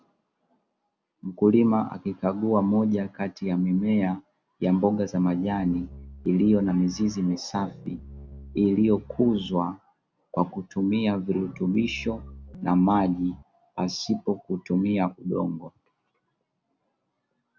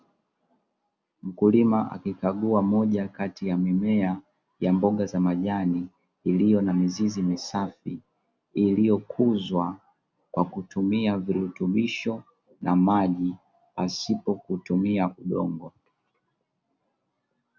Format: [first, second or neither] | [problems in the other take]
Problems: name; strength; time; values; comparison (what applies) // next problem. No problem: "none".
second | background sound (Piano); 18 dB below the speech